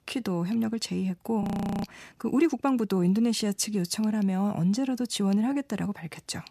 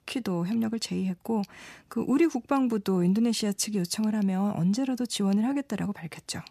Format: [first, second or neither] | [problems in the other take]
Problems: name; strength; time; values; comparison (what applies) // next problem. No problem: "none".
second | audio freezing; at 1.5 s